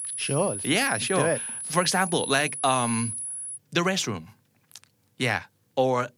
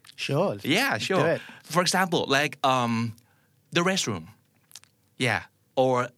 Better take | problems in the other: second | high-pitched whine; loud; until 3.5 s; 10 kHz, 5 dB below the speech

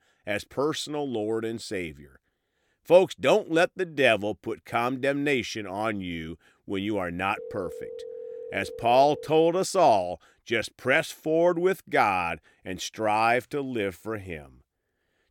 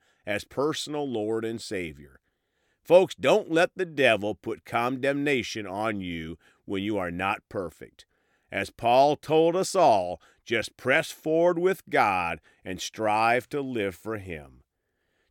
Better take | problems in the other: second | phone ringing; faint; from 7.5 to 9.5 s; peak 15 dB below the speech

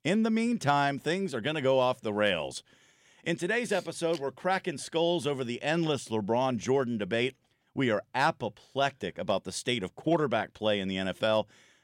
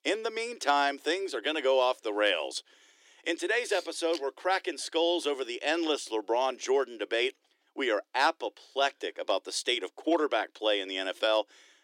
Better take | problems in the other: first | thin; somewhat; fading below 300 Hz

